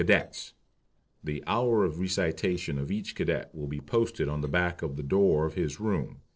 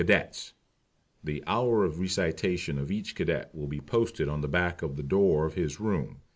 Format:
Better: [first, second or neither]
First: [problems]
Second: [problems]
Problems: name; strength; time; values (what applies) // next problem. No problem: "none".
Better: second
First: noise reduction (neural separator model SepFormer DNS4)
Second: none